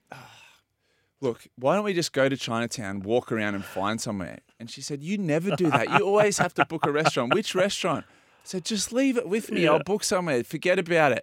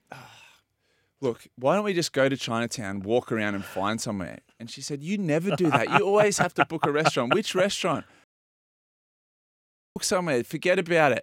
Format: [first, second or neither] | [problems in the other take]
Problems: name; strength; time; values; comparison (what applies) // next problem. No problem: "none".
first | audio cutting out; at 8 s for 1.5 s